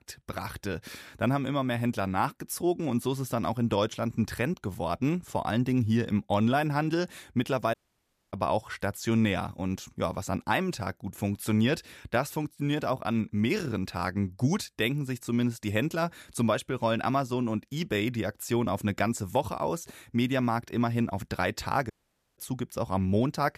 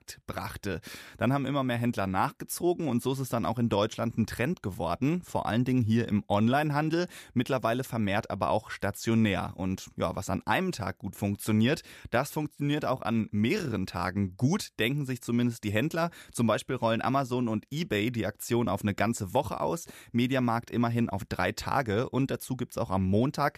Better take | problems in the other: second | audio cutting out; at 7.5 s for 0.5 s and at 22 s

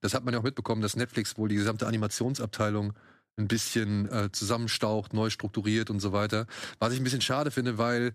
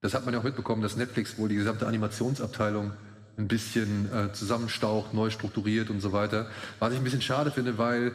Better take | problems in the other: first | room echo; slight; dies away in 1.5 s

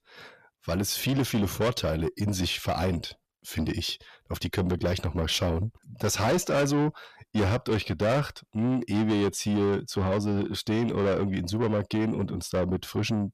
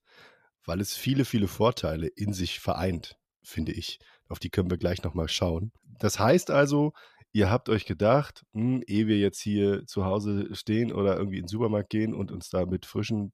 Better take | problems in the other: second | distortion; heavy; 8 dB below the speech

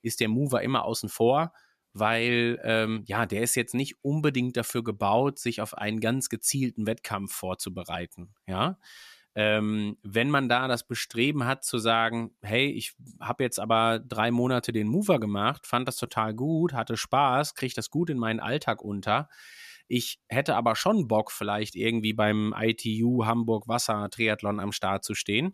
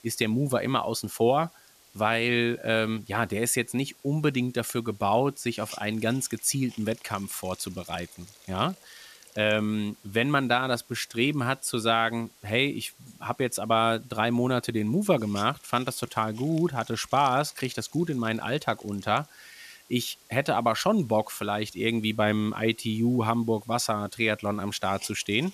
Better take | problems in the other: first | hiss; faint; throughout; 25 dB below the speech

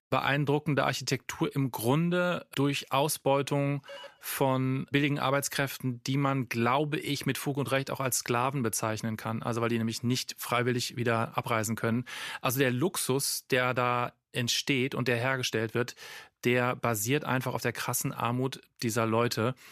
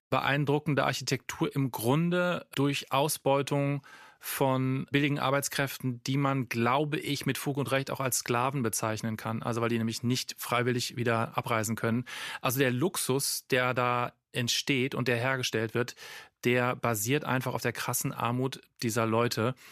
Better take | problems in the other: second | phone ringing; faint; at 4 s; peak 15 dB below the speech

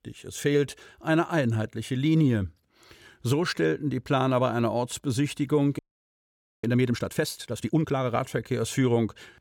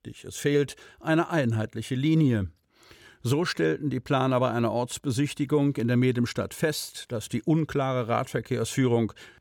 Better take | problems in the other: second | audio freezing; at 6 s for 1 s

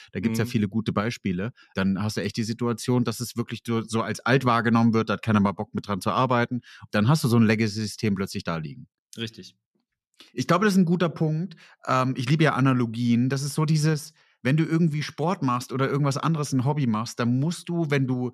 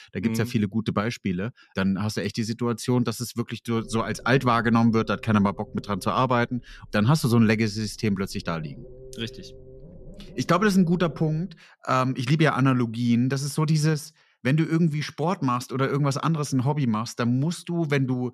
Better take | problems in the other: first | low rumble; faint; from 4 to 11 s; 25 dB below the speech

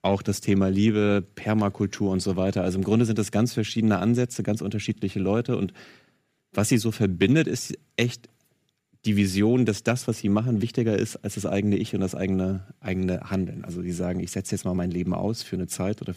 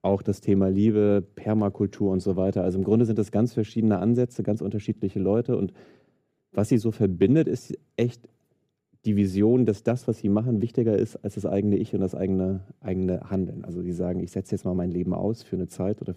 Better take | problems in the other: first | muffled; slightly; fading above 1 kHz

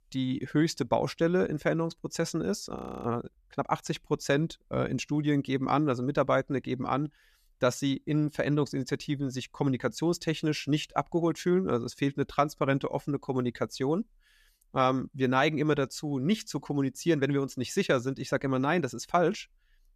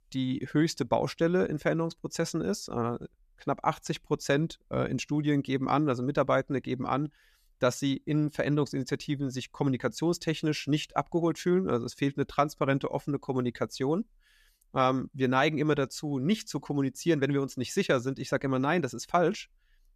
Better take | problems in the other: second | audio freezing; at 3 s

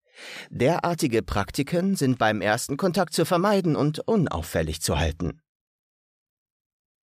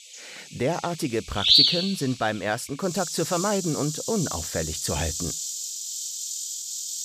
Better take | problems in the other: first | animal sounds; very loud; throughout; 4 dB above the speech

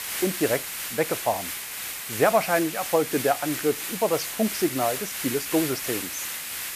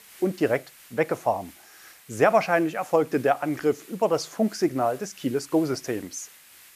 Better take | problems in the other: second | hiss; loud; throughout; 4 dB below the speech; faint in the second

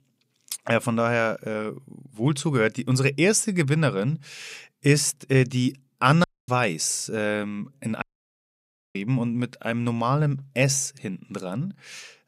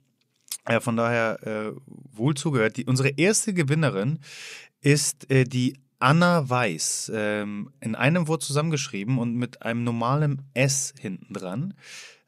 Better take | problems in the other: second | audio cutting out; at 6 s and at 8 s for 1 s

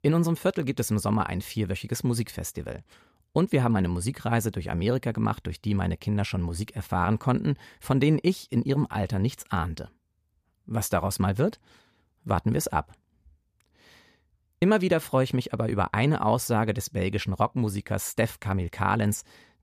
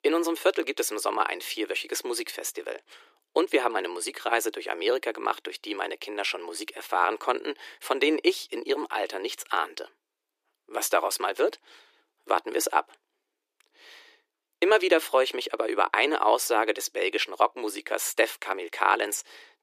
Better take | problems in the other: first | thin; very; fading below 300 Hz

